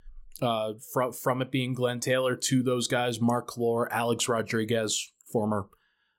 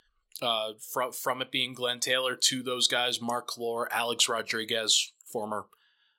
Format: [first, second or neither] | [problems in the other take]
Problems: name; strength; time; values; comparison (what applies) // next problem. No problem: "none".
first | thin; somewhat; fading below 950 Hz